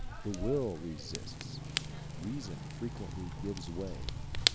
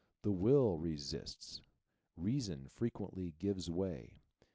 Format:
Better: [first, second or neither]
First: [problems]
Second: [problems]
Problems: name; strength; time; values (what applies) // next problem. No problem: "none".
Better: second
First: background sound (Fire / Rain); 1 dB above the speech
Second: none